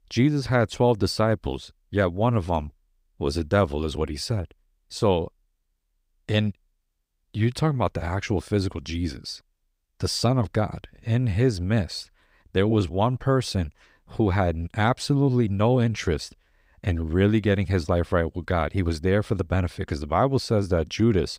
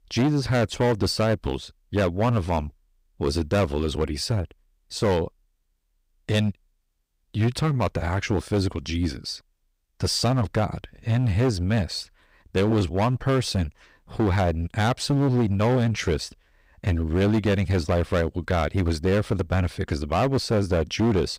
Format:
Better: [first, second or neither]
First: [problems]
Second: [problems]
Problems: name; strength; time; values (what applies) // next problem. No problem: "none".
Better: first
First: none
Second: distortion; slight; 9% of the sound clipped